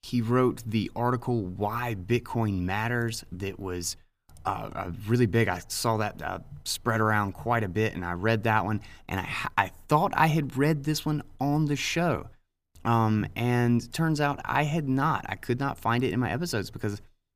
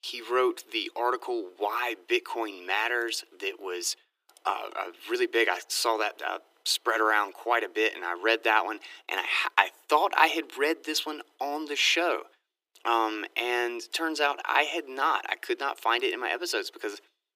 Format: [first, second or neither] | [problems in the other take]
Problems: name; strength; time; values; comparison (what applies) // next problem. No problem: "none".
first | thin; very; fading below 350 Hz